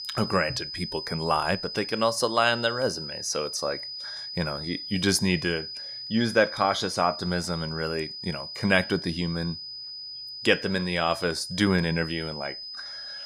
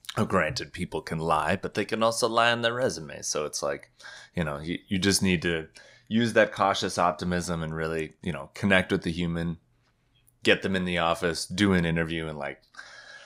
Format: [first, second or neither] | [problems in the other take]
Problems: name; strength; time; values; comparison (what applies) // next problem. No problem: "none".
second | high-pitched whine; loud; throughout; 5 kHz, 8 dB below the speech